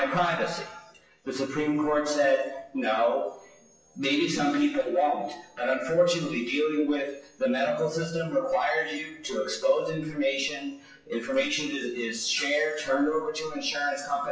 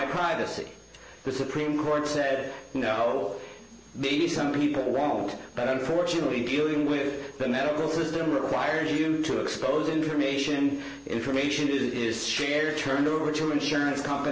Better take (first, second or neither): second